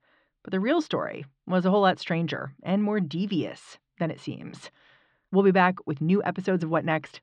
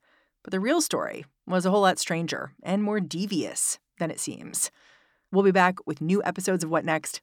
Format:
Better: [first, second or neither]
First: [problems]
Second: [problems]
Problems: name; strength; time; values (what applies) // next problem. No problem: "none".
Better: second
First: muffled; slightly; fading above 3.5 kHz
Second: none